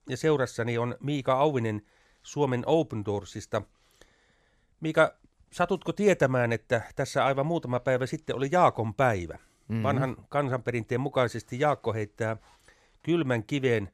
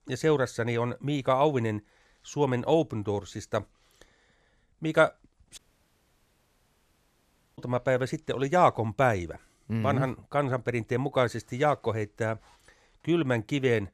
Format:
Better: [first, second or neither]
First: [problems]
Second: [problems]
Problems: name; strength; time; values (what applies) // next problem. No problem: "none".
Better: first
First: none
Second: audio cutting out; at 5.5 s for 2 s